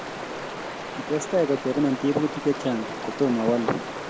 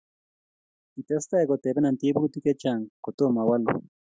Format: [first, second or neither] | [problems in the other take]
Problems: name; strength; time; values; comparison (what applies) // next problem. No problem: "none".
second | background sound (Stream); 7 dB below the speech